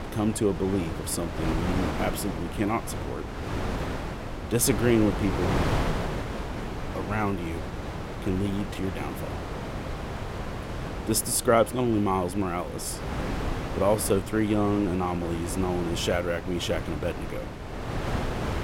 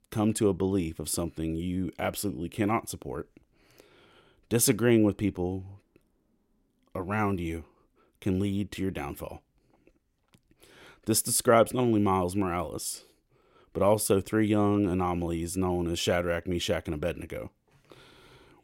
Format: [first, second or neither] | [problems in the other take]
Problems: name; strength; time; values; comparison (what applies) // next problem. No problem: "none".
second | wind noise on the microphone; heavy; 6 dB below the speech